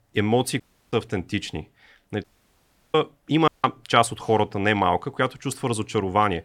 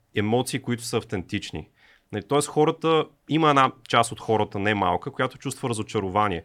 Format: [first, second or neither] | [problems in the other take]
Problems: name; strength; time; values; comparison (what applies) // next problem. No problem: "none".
second | audio cutting out; at 0.5 s, at 2 s for 0.5 s and at 3.5 s